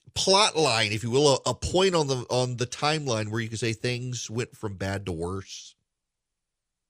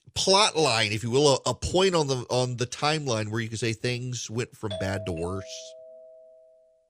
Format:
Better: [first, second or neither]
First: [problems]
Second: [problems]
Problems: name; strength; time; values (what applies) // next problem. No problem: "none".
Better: first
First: none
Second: doorbell; faint; from 4.5 to 6 s; peak 10 dB below the speech